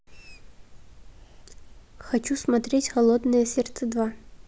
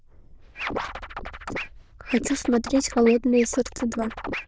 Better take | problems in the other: first | noise reduction (neural diffusion model UNIVERSE++)

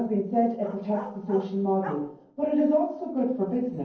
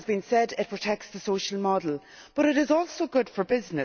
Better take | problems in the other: second | noise reduction (neural separator model SepFormer DNS4)

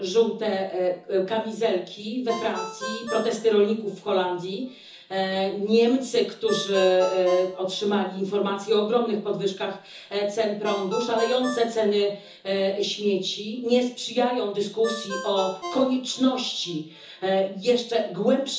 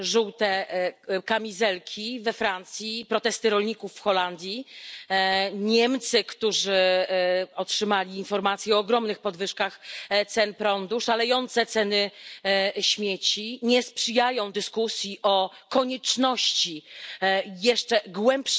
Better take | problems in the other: second | background sound (Ringtone); 15 dB below the speech // room echo; dies away in 0.6 s

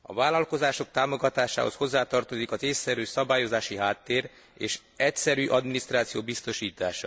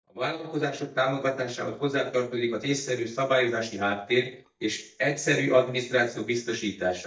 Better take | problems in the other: first | noise reduction (neural mask model DeepFilterNet 3)

